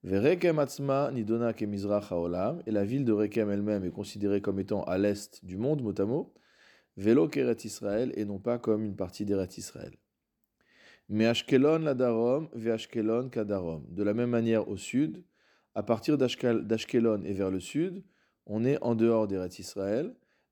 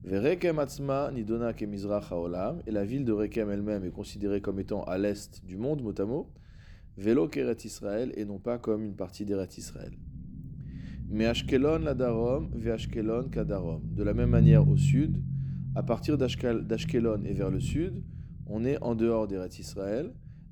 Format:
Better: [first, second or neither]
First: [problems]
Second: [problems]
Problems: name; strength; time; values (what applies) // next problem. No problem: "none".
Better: first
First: none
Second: low rumble; loud; throughout; 9 dB below the speech